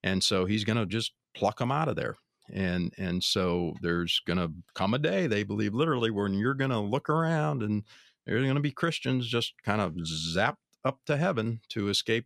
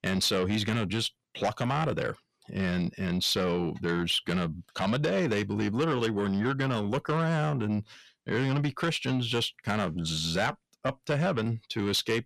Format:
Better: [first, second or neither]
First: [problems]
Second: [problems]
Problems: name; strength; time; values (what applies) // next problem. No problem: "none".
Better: first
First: none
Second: distortion; slight; 10 dB below the speech